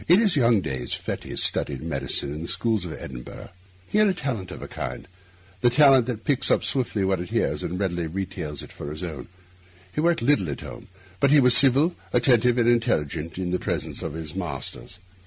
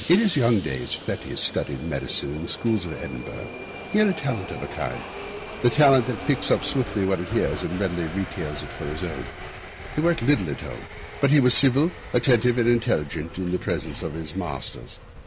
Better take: first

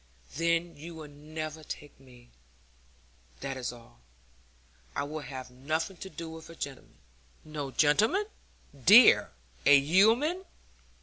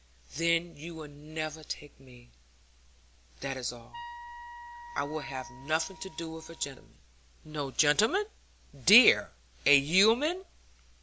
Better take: first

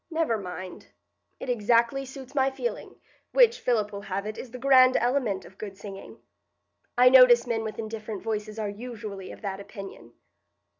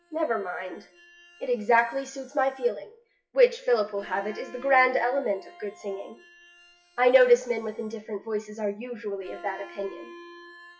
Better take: first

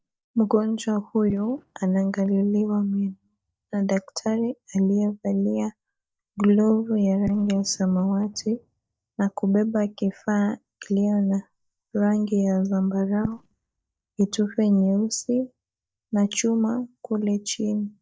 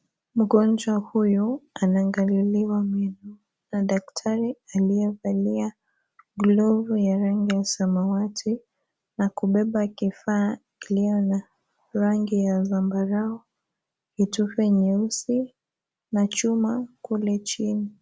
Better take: second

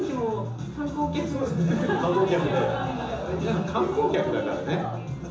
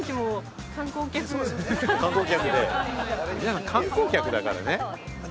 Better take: second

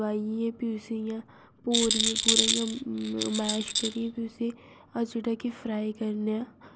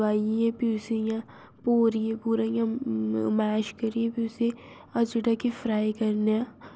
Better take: second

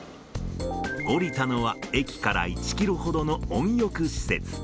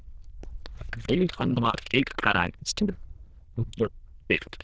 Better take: first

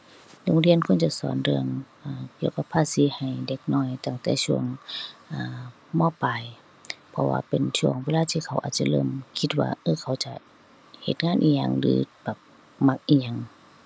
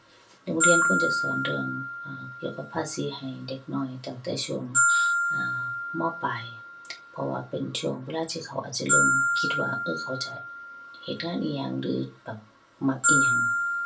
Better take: first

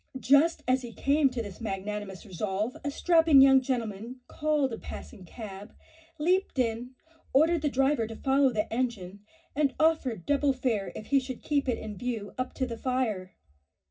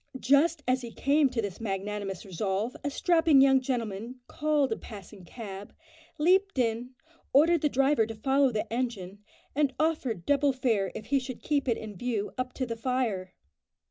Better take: second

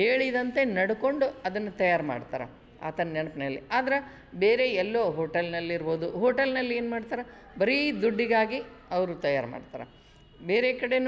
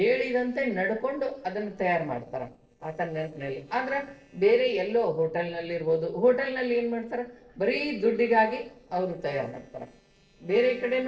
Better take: first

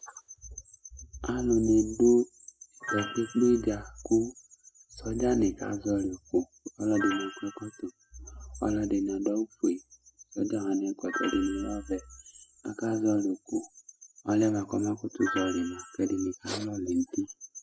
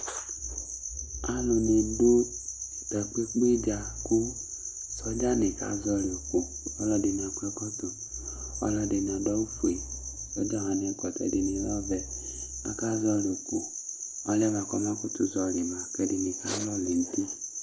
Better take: second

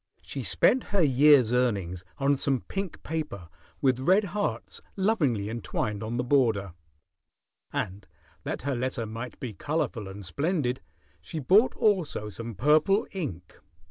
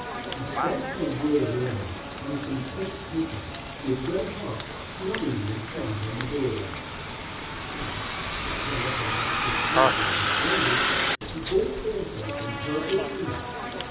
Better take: first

